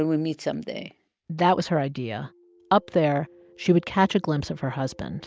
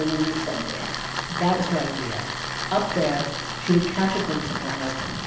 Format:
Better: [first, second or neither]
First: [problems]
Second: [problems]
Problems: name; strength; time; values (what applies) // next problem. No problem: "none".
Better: first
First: none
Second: background sound (Tools); 4 dB below the speech // room echo; dies away in 0.9 s